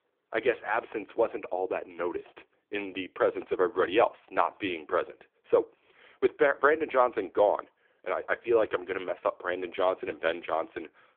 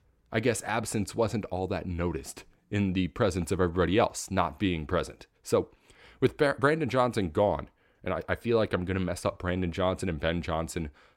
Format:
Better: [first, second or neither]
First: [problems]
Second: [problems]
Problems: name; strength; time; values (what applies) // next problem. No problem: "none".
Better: second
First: phone-call audio; poor line; nothing above 3.5 kHz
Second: none